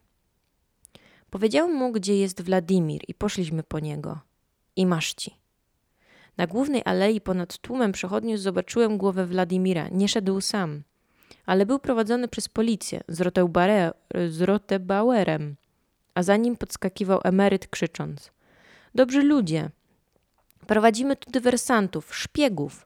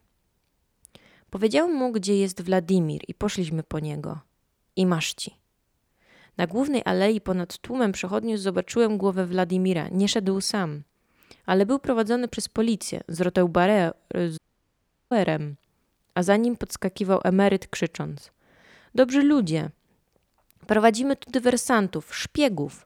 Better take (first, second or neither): first